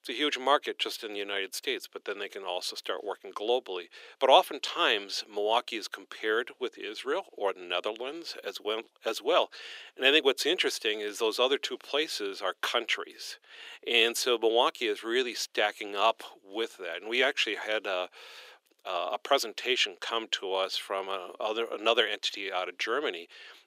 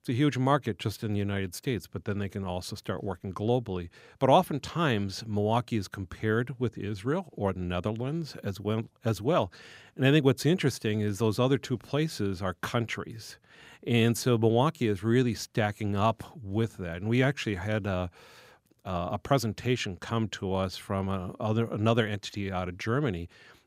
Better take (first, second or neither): second